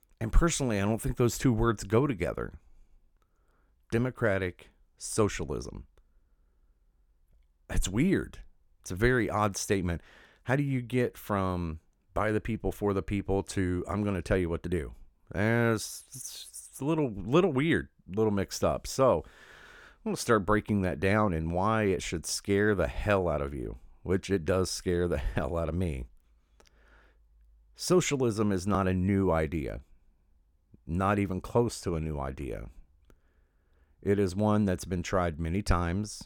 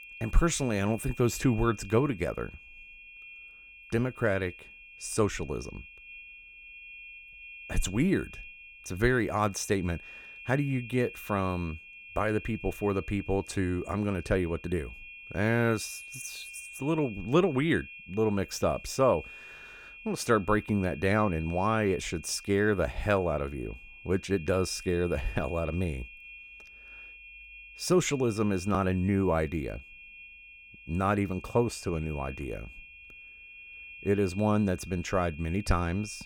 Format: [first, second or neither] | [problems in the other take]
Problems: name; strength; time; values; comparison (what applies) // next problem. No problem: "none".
first | high-pitched whine; noticeable; throughout; 2.5 kHz, 15 dB below the speech